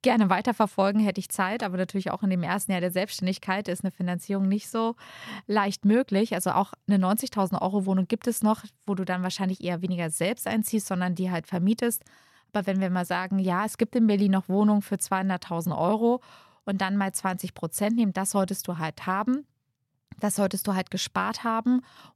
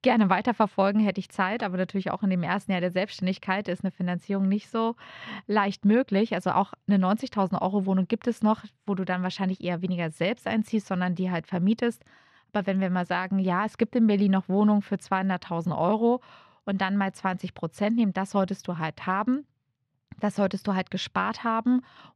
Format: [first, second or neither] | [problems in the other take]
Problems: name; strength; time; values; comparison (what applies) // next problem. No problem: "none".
first | muffled; very slightly; fading above 3 kHz